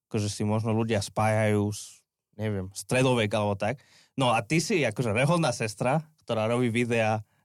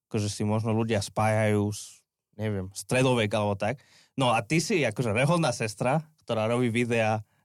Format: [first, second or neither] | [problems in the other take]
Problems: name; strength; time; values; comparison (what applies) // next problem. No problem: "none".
neither | none